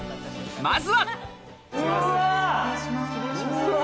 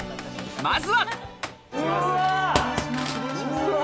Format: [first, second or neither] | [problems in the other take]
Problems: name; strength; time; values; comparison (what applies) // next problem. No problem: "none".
first | background sound (Computer keyboard); 10 dB below the speech